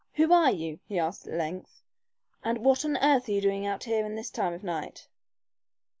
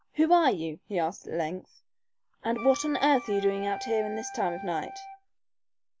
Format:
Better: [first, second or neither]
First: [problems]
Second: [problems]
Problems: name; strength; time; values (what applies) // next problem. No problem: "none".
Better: first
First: none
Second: background sound (Wind instrument, woodwind instrument); 11 dB below the speech